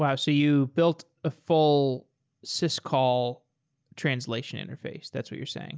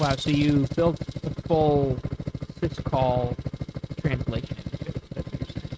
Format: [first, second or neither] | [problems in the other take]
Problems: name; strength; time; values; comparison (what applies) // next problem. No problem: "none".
first | noise reduction (neural mask model RNNoise)